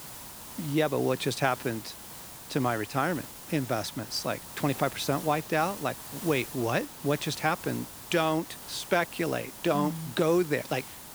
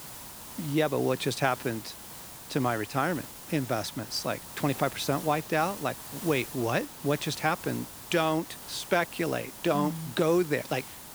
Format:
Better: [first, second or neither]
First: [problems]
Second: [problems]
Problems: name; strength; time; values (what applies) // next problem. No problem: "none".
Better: neither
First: hiss; noticeable; throughout; 10 dB below the speech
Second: hiss; noticeable; throughout; 10 dB below the speech